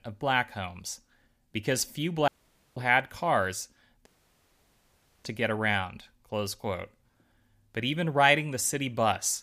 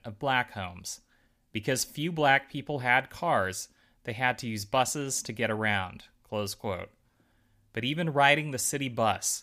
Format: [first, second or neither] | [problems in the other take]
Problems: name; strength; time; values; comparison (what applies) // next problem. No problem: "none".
second | audio cutting out; at 2.5 s and at 4 s for 1 s